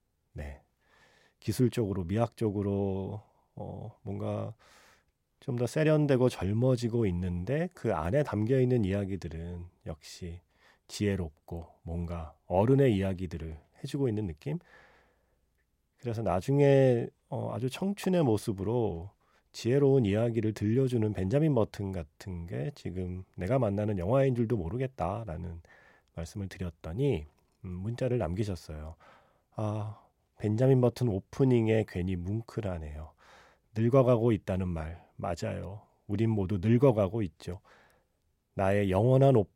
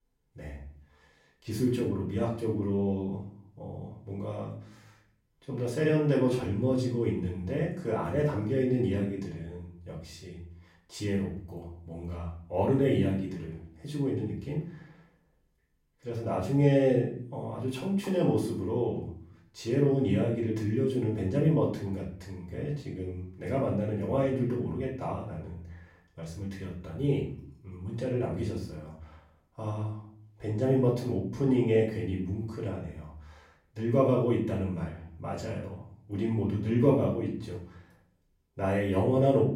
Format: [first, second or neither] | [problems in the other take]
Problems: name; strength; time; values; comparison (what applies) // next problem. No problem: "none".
first | off-mic speech; far // room echo; noticeable; dies away in 0.5 s